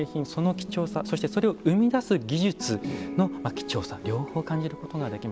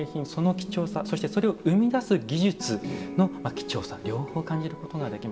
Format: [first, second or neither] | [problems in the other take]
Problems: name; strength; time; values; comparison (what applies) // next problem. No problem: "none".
first | room echo; dies away in 0.8 s